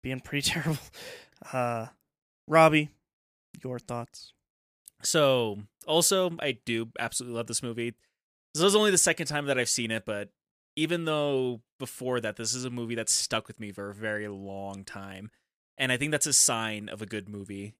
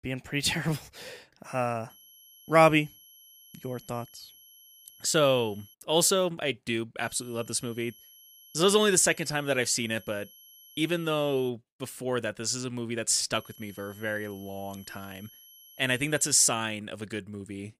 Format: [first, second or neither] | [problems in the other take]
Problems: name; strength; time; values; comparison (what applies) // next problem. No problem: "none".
first | high-pitched whine; faint; from 2 to 5.5 s, from 7 to 11 s and from 13 to 16 s; 3 kHz, 25 dB below the speech